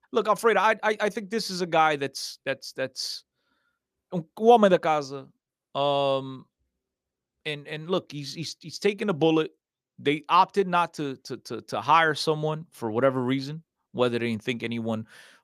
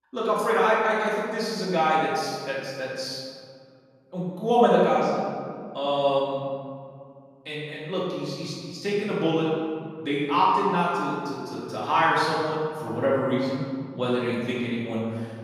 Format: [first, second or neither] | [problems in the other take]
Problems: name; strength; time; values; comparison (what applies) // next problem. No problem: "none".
first | room echo; strong; dies away in 1.8 s // off-mic speech; far